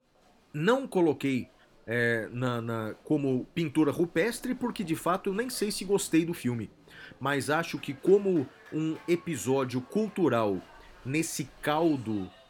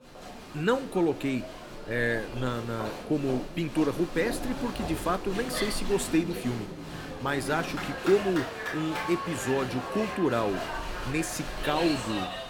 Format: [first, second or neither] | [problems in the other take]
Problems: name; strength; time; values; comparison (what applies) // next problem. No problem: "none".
first | crowd noise; loud; throughout; 6 dB below the speech; faint in the first